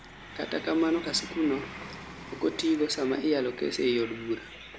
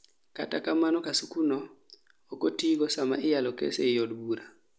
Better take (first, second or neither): second